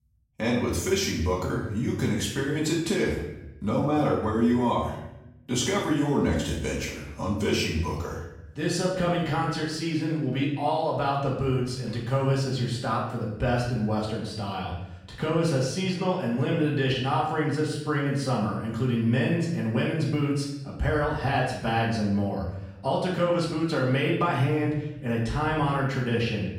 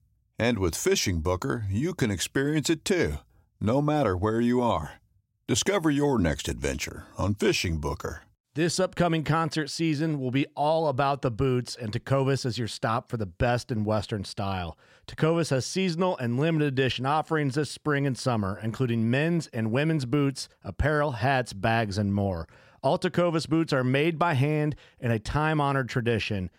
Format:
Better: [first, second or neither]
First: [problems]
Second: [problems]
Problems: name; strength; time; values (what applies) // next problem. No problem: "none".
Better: second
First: off-mic speech; far // room echo; noticeable; dies away in 0.8 s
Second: none